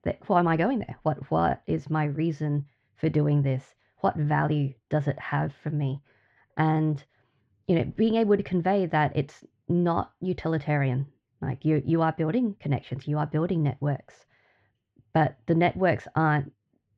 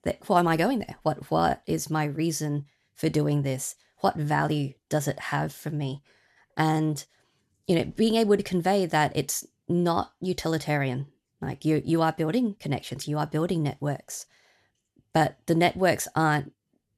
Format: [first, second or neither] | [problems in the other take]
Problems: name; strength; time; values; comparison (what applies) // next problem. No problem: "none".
second | muffled; very; fading above 2.5 kHz